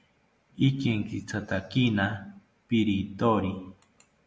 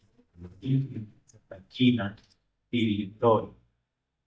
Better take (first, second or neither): first